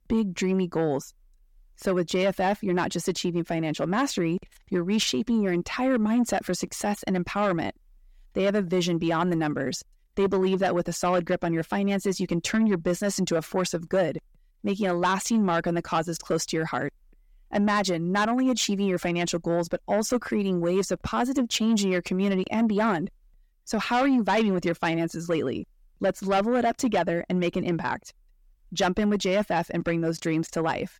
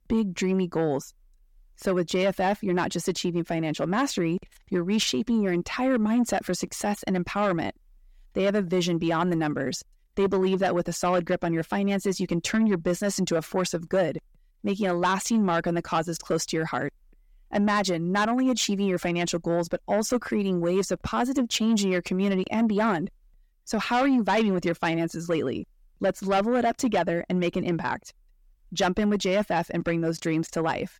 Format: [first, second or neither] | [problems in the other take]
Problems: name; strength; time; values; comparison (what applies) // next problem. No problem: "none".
neither | distortion; slight; 10 dB below the speech; the same in both